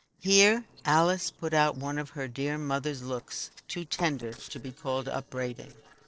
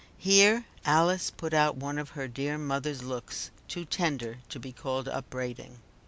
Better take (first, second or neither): second